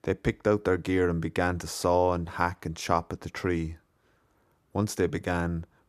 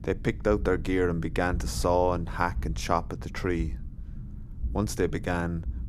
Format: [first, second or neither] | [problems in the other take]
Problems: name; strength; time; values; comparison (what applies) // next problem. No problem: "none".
first | low rumble; faint; throughout; 25 dB below the speech